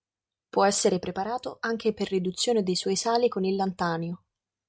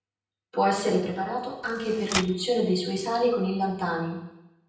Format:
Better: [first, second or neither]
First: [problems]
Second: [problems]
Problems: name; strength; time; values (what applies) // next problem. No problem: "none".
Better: first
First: none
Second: background sound (Typewriter); 11 dB below the speech // room echo; dies away in 0.9 s